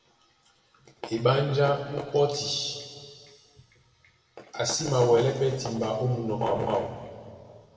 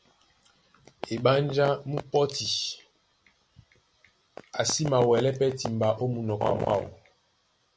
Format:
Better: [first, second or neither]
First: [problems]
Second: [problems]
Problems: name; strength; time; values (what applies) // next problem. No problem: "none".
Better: second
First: room echo; dies away in 2.3 s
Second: none